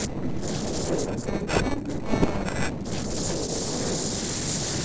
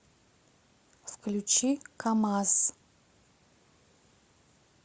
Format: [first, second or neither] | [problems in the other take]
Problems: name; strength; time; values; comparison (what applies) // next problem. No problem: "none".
second | noise reduction (neural separator model SepFormer DNS4)